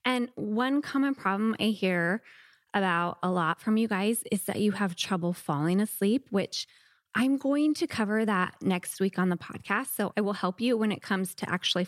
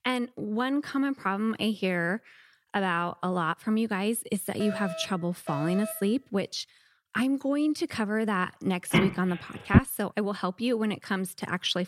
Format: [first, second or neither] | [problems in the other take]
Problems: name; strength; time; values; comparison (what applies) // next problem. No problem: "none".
first | alarm; noticeable; from 4.5 to 6 s; peak 7 dB below the speech // phone ringing; loud; at 9 s; peak 6 dB above the speech